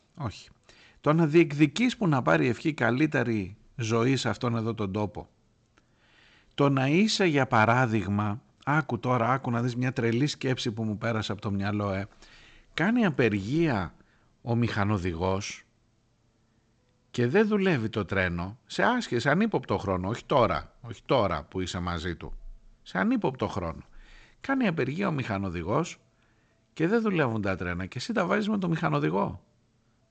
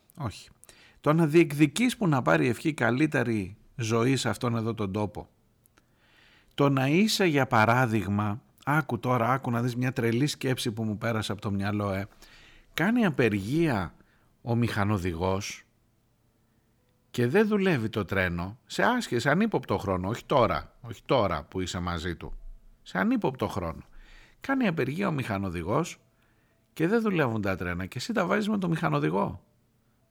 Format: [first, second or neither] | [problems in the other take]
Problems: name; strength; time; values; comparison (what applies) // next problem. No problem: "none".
second | garbled, watery; slightly; nothing above 8 kHz